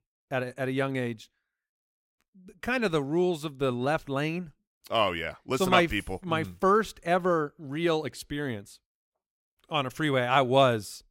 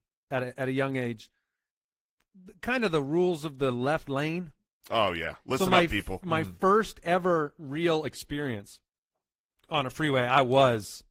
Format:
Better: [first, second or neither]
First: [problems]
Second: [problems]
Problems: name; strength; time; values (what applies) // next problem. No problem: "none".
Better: first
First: none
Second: garbled, watery; slightly; nothing above 16 kHz